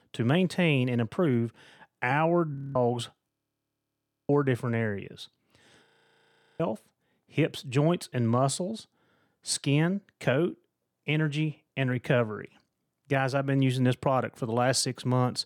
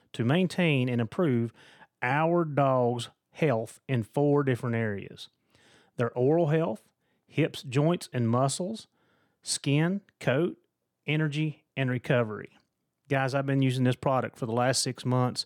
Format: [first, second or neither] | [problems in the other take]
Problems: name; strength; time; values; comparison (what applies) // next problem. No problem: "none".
second | audio freezing; at 2.5 s, at 3.5 s for 1 s and at 6 s for 1 s